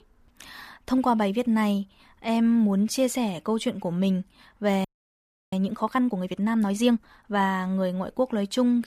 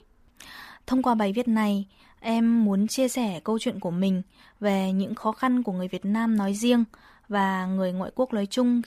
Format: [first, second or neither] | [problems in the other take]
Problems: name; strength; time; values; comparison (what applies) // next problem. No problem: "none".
second | audio freezing; at 5 s for 0.5 s